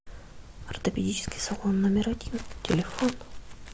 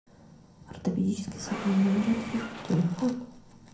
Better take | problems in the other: first | background sound (Engine / Mechanisms); 13 dB below the speech // room echo; dies away in 0.6 s

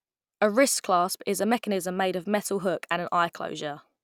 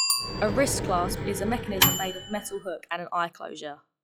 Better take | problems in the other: first | noise reduction (classical method log-MMSE)

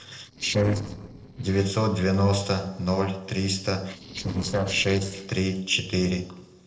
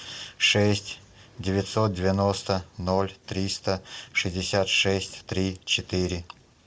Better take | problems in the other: second | noise reduction (neural separator model SepFormer DNS4)

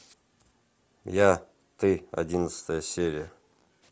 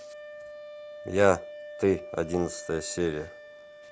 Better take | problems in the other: first | background sound (Wind instrument, woodwind instrument); 13 dB below the speech

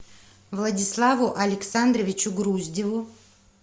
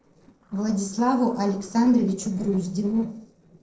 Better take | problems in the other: first | noise reduction (neural separator model SepFormer DNS4)

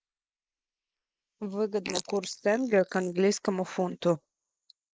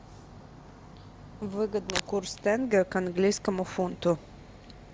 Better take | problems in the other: second | noise reduction (neural mask model Resemble Enhance denoiser)

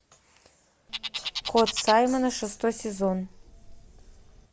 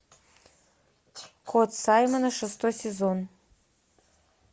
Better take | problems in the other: second | background sound (Bird); 10 dB below the speech

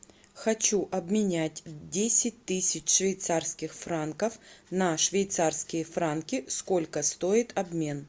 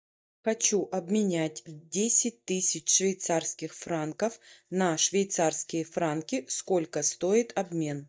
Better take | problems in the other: first | noise reduction (neural mask model DeepFilterNet 3)

